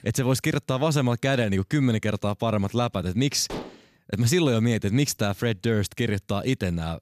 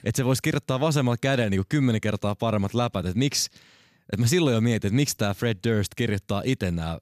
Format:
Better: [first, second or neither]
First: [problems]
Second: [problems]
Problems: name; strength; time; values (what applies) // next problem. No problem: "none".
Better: second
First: clattering dishes; faint; at 3.5 s; peak 10 dB below the speech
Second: none